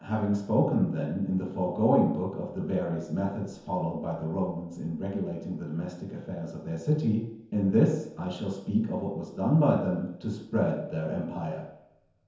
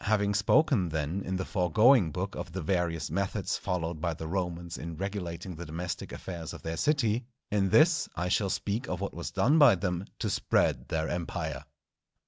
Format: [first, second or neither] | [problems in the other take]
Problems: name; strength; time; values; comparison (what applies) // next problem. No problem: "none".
second | room echo; dies away in 0.9 s